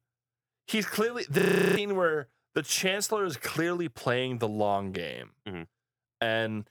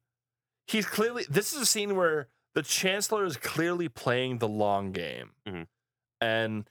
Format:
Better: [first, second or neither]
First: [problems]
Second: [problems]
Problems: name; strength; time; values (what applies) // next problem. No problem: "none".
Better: second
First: audio freezing; at 1.5 s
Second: none